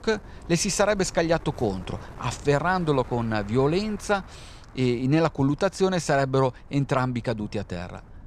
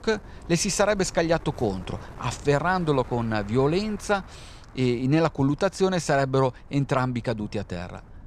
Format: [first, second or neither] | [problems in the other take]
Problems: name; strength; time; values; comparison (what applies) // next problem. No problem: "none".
neither | wind noise on the microphone; occasional gusts; 20 dB below the speech; the same in both